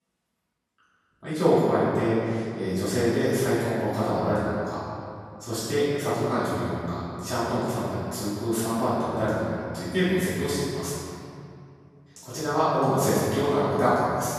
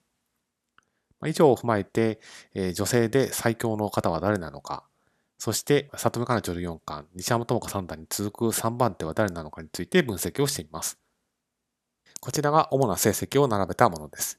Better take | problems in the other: second | off-mic speech; far // room echo; strong; dies away in 2.3 s

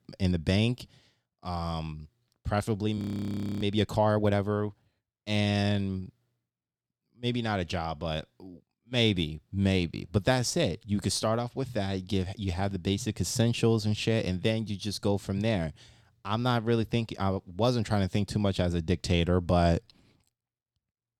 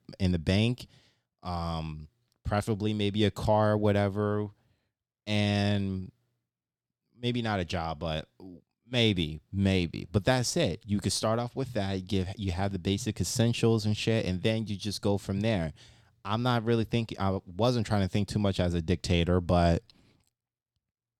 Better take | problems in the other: second | audio freezing; at 3 s for 0.5 s

